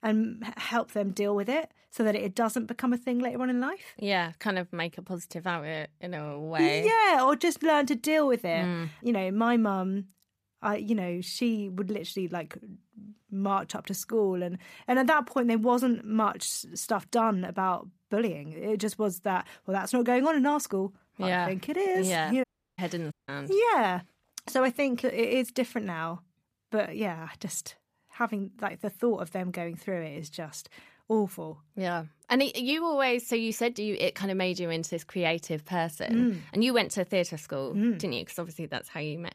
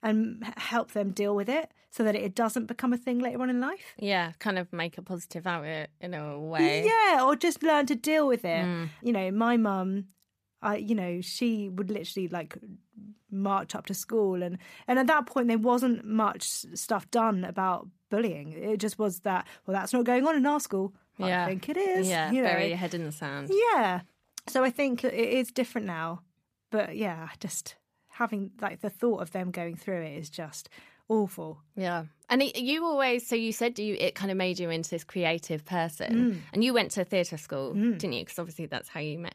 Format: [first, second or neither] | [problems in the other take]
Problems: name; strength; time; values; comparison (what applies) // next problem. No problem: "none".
second | audio cutting out; at 22 s and at 23 s